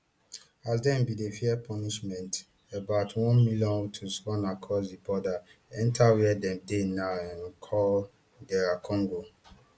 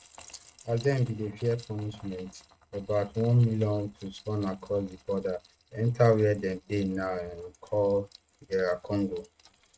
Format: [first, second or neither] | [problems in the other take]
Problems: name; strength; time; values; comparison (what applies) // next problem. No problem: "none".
first | noise reduction (neural mask model RNNoise)